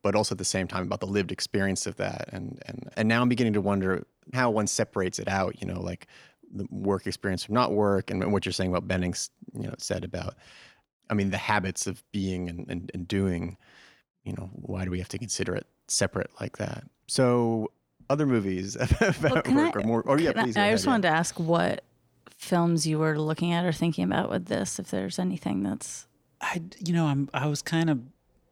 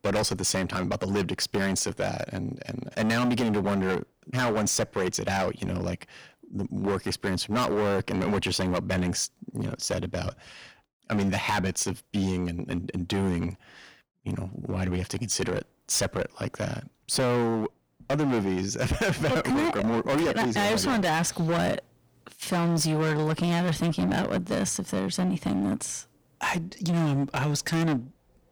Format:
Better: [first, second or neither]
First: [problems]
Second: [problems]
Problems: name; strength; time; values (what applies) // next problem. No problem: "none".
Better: first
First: none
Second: distortion; heavy; 17% of the sound clipped